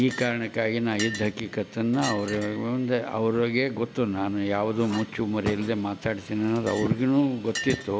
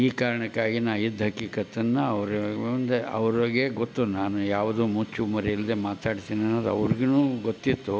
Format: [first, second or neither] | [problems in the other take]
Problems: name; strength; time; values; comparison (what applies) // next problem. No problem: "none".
second | background sound (Chink, clink); 14 dB below the speech